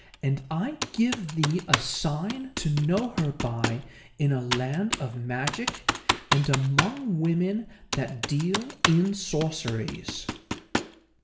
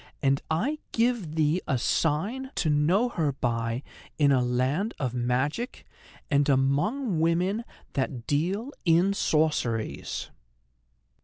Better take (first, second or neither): second